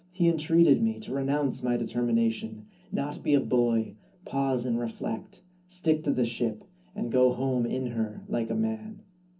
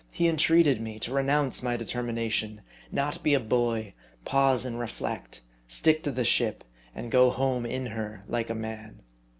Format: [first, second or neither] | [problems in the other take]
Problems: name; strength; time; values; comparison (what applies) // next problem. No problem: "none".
second | room echo; dies away in 0.4 s